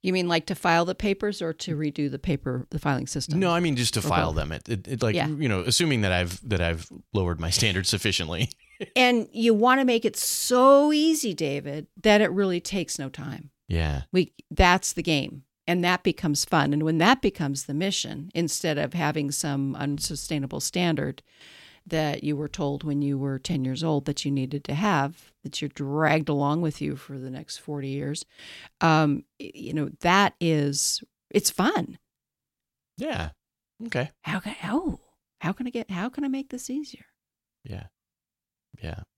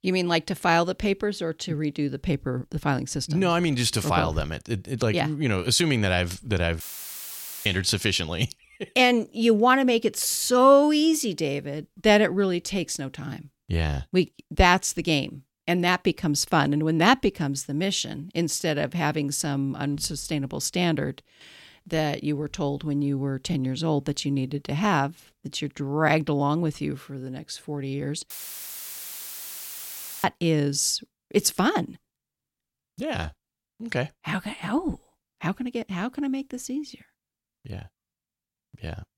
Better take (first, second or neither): first